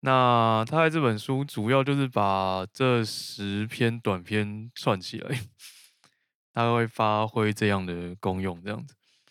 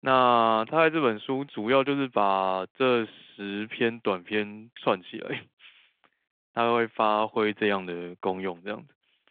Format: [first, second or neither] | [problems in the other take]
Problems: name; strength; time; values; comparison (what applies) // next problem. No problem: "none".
first | phone-call audio